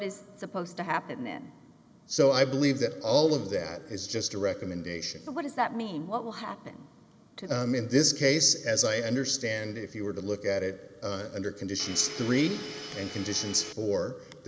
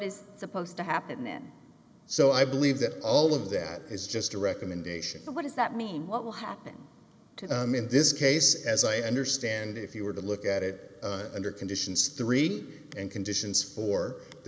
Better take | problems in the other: second | background sound (Domestic sounds, home sounds); 10 dB below the speech

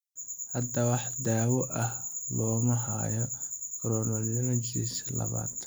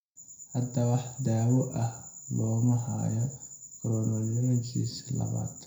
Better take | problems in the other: first | room echo; dies away in 0.4 s

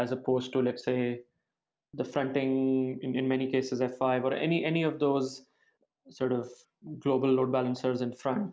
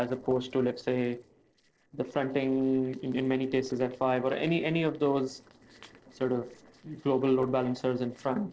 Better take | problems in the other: first | noise reduction (neural separator model SepFormer DNS4)

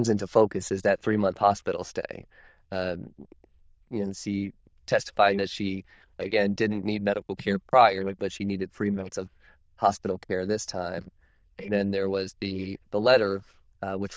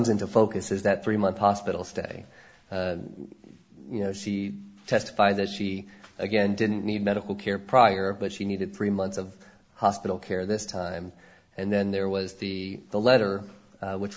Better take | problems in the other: second | noise reduction (neural diffusion model UNIVERSE++)

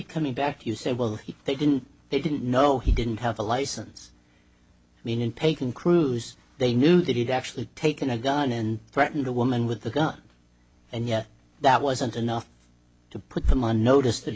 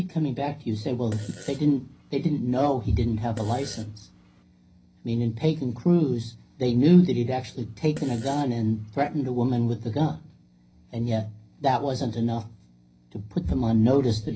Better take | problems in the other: first | background sound (Fart); 20 dB below the speech // room echo; dies away in 0.5 s

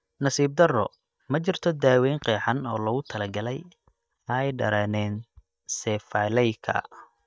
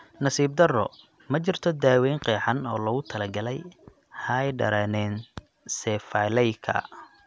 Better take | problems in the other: second | noise reduction (neural mask model DeepFilterNet 3)

